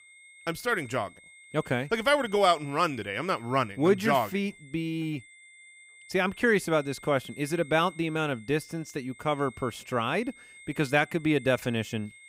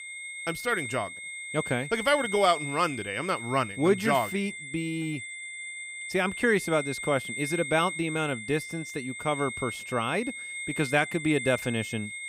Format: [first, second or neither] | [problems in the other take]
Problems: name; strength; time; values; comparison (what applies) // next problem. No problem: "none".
first | high-pitched whine; loud; throughout; 2 kHz, 7 dB below the speech; faint in the first